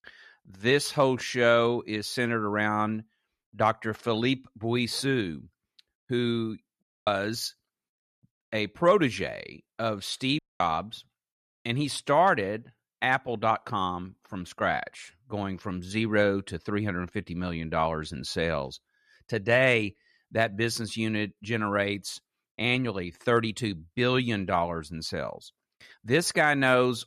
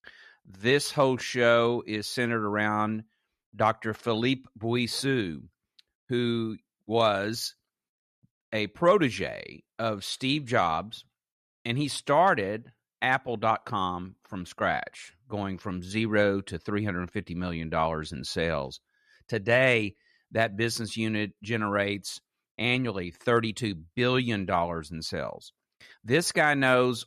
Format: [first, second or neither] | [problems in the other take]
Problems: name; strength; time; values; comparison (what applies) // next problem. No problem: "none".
second | audio cutting out; at 7 s and at 10 s